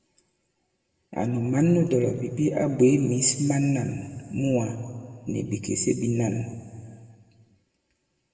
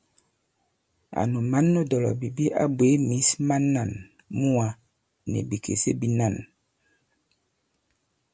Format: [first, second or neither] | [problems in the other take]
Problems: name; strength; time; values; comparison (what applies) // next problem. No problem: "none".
second | room echo; dies away in 1.7 s